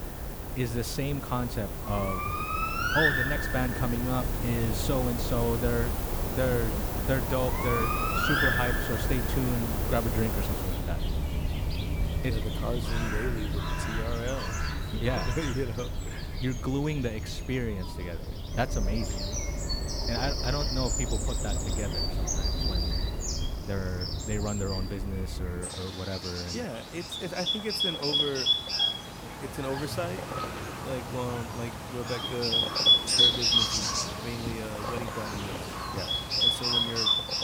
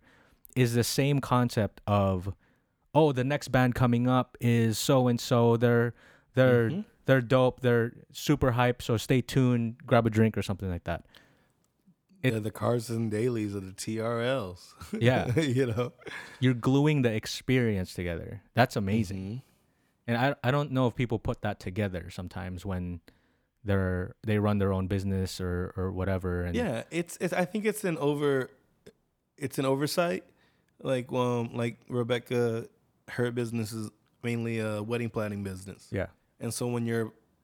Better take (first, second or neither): second